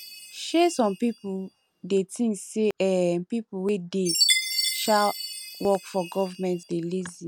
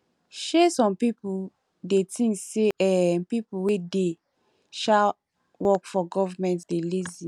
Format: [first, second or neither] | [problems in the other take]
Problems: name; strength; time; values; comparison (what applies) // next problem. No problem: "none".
second | background sound (Chime); 6 dB below the speech